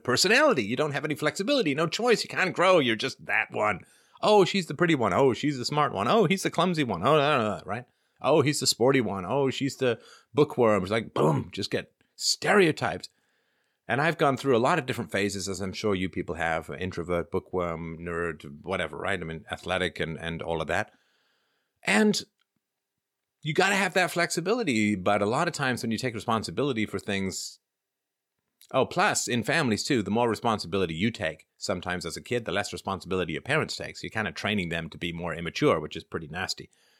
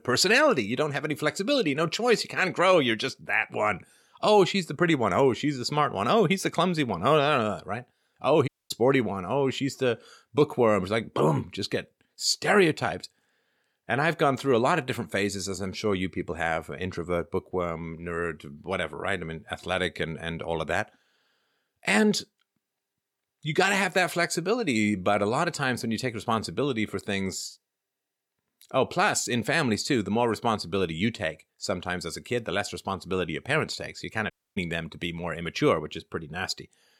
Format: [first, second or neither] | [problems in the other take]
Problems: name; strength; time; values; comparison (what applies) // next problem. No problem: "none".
first | audio cutting out; at 8.5 s and at 34 s